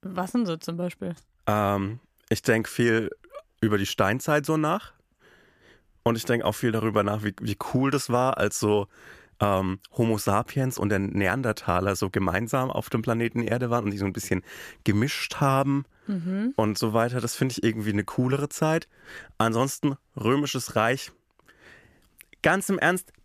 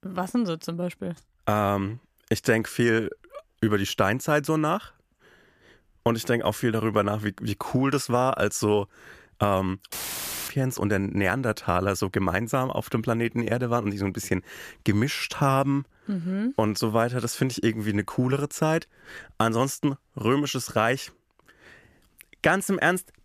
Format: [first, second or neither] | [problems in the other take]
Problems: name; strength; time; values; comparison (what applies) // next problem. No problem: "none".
first | audio cutting out; filled with static; at 10 s for 0.5 s